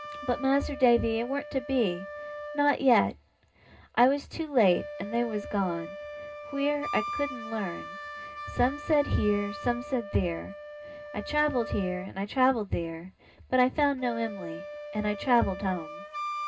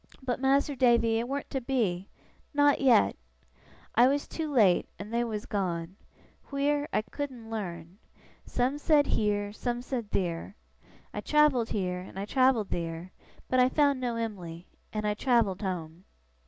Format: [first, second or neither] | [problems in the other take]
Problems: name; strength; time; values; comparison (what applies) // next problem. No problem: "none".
second | background sound (Wind instrument, woodwind instrument); 11 dB below the speech // room echo; dies away in 0.2 s